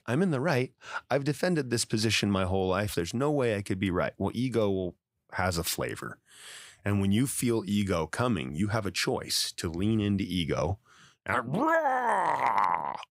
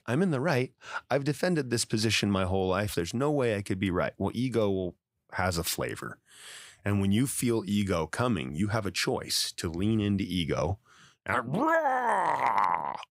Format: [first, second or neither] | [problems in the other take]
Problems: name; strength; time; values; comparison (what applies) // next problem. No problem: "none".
neither | none